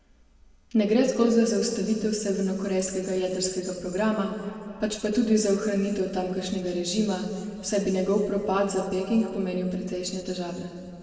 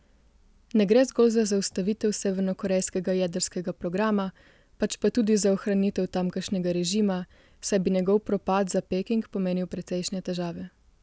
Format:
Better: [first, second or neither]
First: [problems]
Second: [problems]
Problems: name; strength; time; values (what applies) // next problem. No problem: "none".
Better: second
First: room echo; dies away in 2 s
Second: none